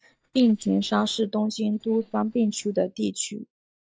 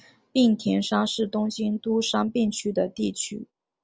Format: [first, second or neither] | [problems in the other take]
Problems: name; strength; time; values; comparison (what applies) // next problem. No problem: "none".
second | noise reduction (neural mask model DeepFilterNet 3)